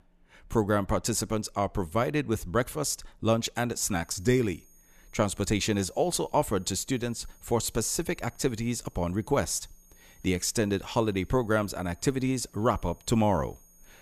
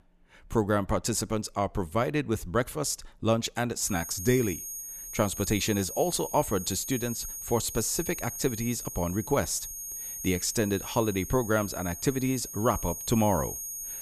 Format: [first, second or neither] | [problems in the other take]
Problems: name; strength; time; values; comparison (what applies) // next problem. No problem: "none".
first | high-pitched whine; loud; from 4 s on; 6.5 kHz, 7 dB below the speech; faint in the first